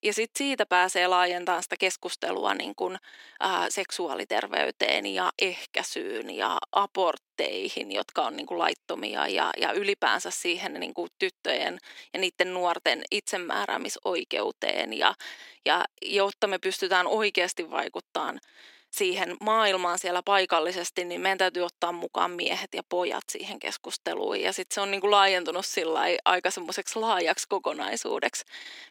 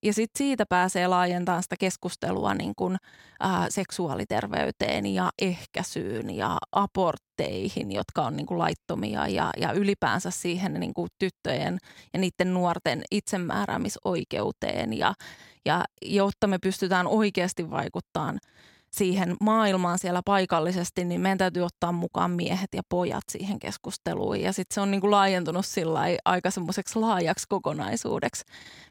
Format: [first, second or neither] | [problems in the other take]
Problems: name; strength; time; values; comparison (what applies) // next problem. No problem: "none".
second | thin; somewhat; fading below 300 Hz